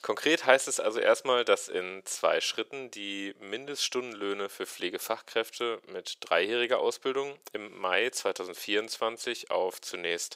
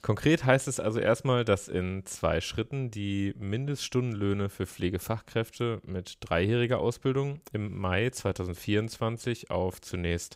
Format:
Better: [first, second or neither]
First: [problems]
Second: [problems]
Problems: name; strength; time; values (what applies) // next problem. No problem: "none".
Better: second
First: thin; very; fading below 400 Hz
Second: none